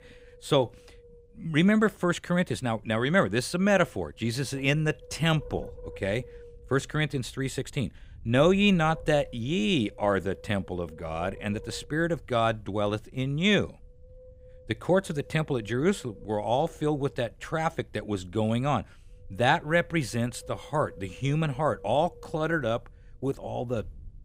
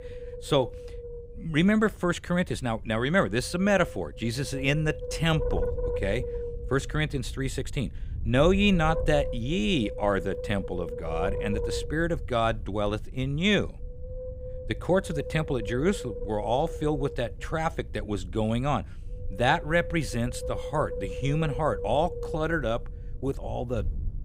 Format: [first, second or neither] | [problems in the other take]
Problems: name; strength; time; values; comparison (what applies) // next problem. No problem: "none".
first | wind noise on the microphone; heavy; 9 dB below the speech; occasional gusts in the first